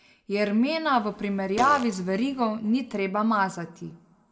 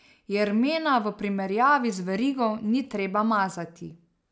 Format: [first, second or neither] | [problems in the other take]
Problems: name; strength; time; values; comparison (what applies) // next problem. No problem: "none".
second | background sound (Fart); 13 dB below the speech // room echo; dies away in 0.7 s